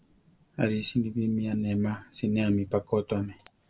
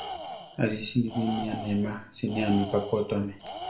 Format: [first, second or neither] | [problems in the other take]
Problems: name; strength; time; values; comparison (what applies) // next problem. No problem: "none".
first | background sound (Tools); 10 dB below the speech // room echo; dies away in 0.4 s